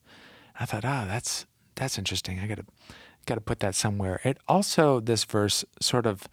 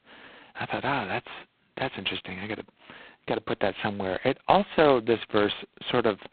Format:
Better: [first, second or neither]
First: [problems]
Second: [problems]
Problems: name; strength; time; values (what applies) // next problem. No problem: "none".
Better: first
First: none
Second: phone-call audio; poor line; nothing above 4 kHz